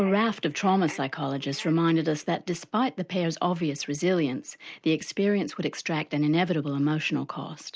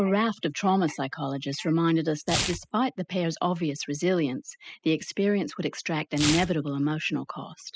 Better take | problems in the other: first | noise reduction (classical method spectral subtraction)

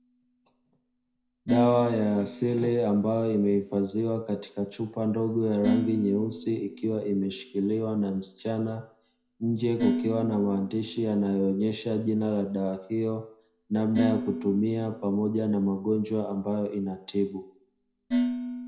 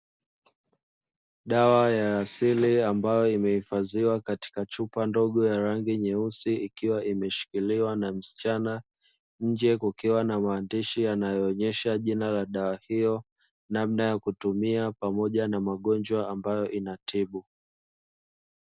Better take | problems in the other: second | background sound (Dishes, pots, and pans); 8 dB below the speech // room echo; dies away in 0.4 s

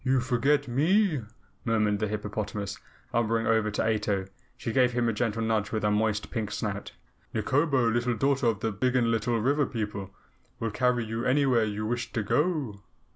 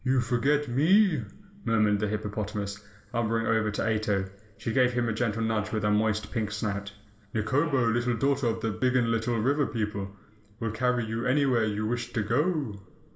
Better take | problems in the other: first | background sound (Fart); 17 dB below the speech // room echo; dies away in 1.3 s

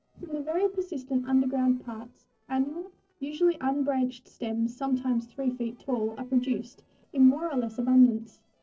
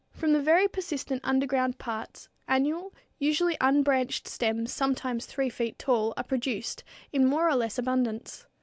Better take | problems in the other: second | noise reduction (neural separator model SepFormer DNS4)

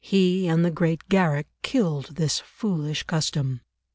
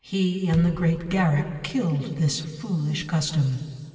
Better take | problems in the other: first | background sound (Bass drum); 17 dB below the speech // room echo; dies away in 2.4 s

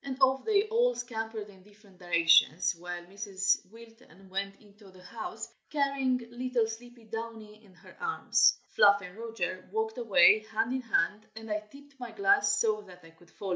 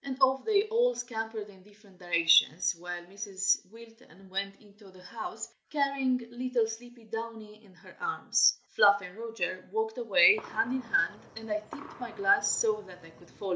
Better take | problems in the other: first | background sound (Gunshot, gunfire); 18 dB below the speech

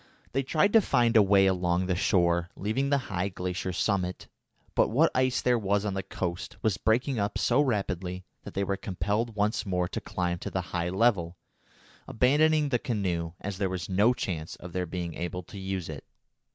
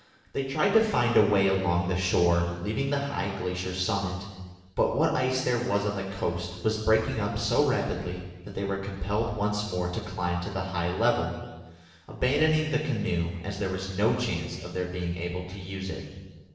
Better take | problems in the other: first | room echo; dies away in 1.3 s

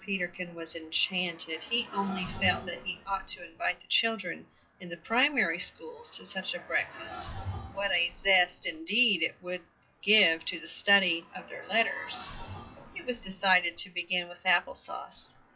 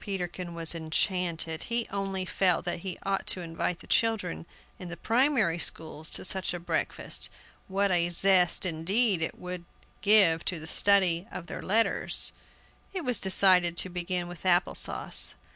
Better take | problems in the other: second | noise reduction (classical method WPE with log-MMSE)

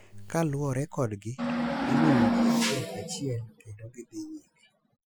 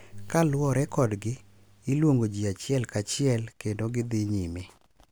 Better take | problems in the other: second | noise reduction (classical method Wiener filter)

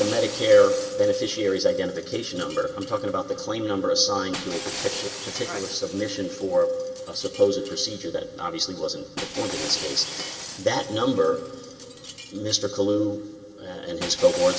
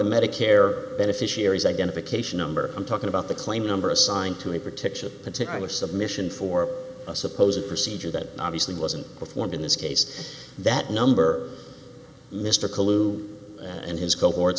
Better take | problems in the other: second | background sound (Shatter); 13 dB below the speech // room echo; dies away in 2.9 s

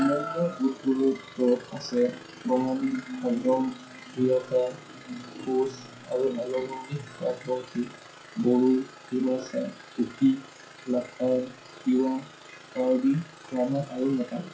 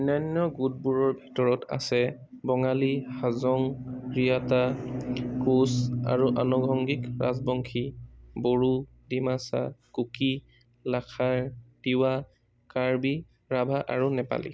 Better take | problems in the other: second | noise reduction (classical method WPE with log-MMSE)

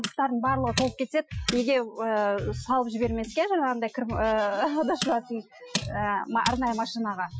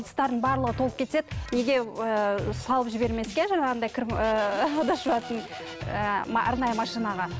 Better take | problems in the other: second | noise reduction (classical method Wiener filter)

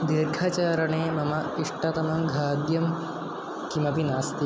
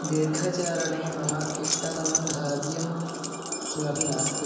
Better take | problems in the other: first | background sound (Keys jangling); 4 dB below the speech // room echo; dies away in 1 s

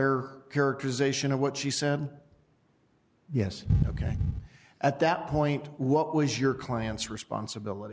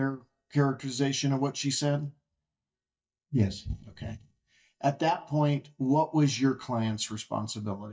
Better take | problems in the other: first | noise reduction (neural mask model DeepFilterNet 3)

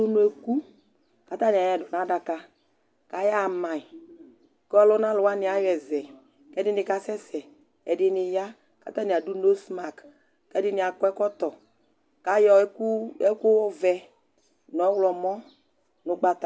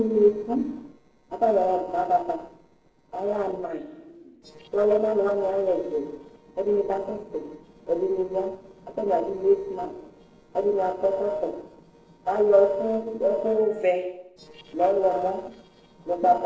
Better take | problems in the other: first | noise reduction (neural separator model SepFormer DNS4)

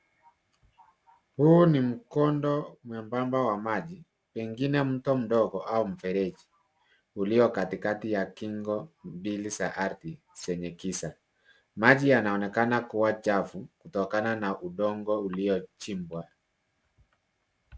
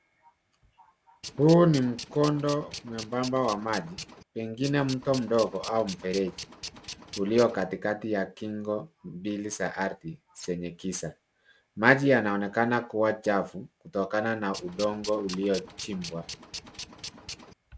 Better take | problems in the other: first | background sound (Tools); 14 dB below the speech

